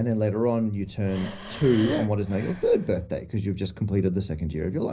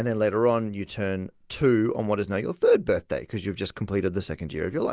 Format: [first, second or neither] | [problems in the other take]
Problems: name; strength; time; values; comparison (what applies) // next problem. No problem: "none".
second | background sound (Breathing); 11 dB below the speech // room echo; dies away in 0.5 s